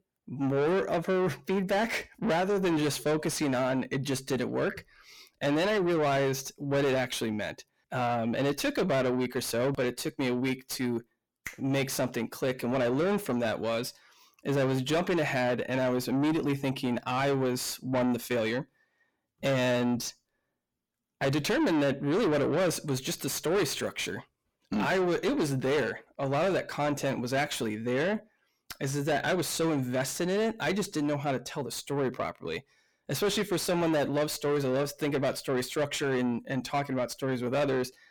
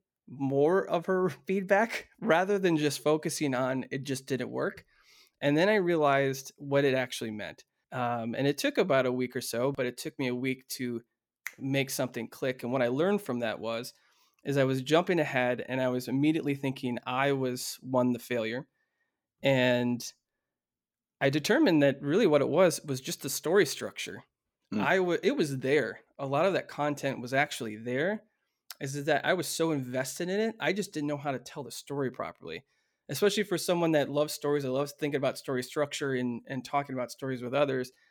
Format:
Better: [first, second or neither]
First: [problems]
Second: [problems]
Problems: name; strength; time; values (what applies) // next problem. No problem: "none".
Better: second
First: distortion; heavy; 7 dB below the speech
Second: none